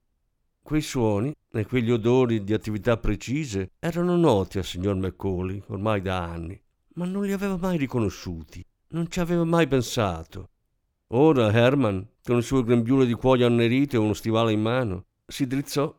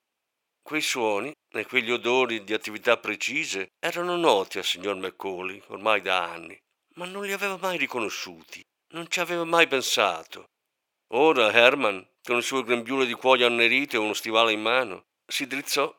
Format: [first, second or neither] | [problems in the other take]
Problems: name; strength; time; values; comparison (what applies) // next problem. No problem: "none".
first | thin; very; fading below 600 Hz